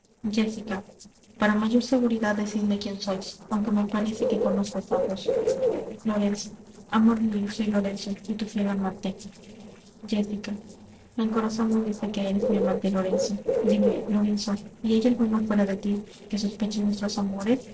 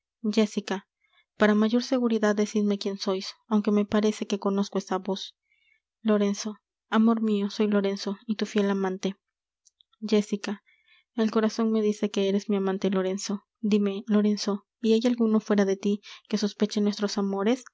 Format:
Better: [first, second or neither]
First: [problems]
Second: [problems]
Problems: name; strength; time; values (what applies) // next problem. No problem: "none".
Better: second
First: noise reduction (neural separator model SepFormer DNS4)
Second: none